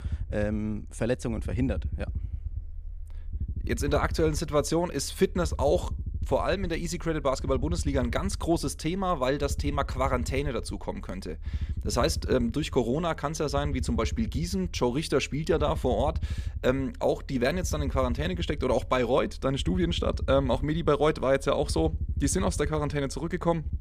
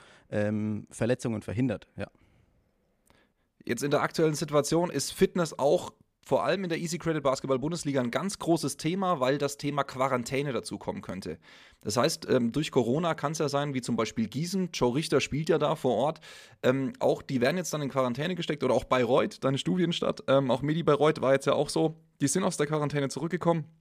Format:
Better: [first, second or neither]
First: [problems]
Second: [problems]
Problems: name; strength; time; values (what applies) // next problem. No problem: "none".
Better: second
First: low rumble; faint; throughout; 25 dB below the speech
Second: none